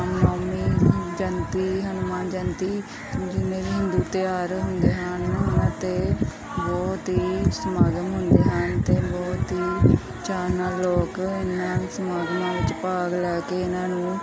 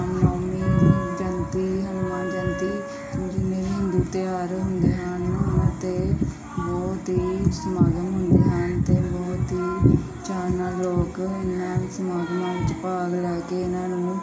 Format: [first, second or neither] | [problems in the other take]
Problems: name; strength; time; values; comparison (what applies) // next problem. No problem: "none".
first | background sound (Wind instrument, woodwind instrument); 12 dB below the speech // room echo; dies away in 0.4 s